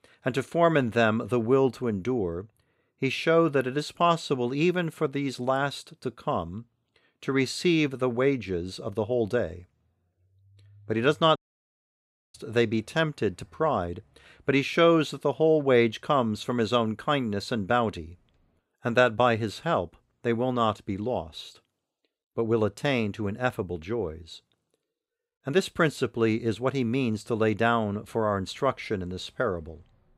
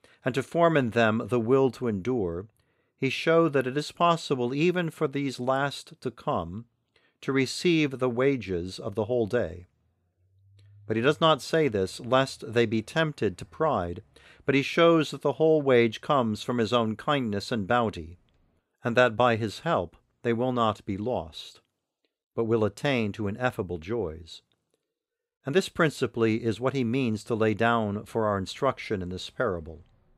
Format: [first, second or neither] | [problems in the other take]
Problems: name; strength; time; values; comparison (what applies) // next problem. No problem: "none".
second | audio cutting out; at 11 s for 1 s